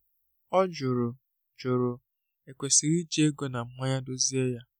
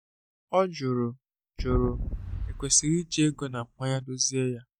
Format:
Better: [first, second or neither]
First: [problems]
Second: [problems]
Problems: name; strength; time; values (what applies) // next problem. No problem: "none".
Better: first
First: none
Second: noise reduction (neural mask model DeepFilterNet 3)